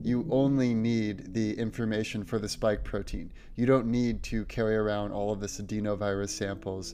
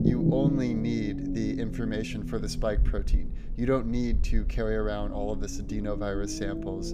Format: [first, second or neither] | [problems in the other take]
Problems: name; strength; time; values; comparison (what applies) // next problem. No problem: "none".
first | low rumble; loud; throughout; 5 dB below the speech; faint in the first